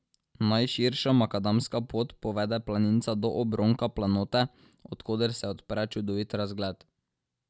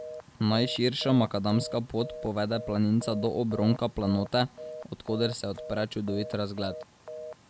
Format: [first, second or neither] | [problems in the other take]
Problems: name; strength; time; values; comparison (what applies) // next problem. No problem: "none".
first | background sound (Telephone); 13 dB below the speech